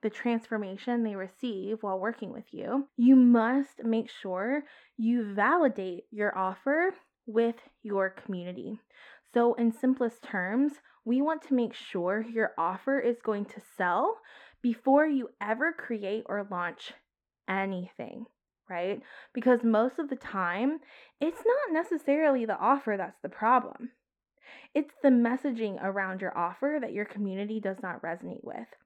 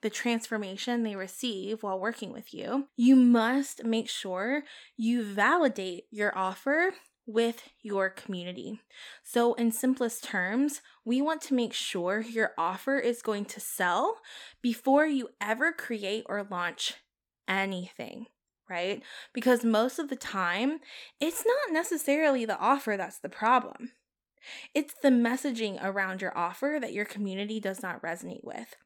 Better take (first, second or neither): second